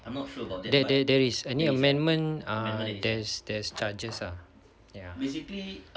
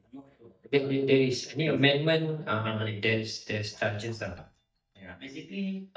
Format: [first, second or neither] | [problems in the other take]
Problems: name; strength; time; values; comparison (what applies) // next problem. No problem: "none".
first | noise reduction (neural mask model DeepFilterNet 3)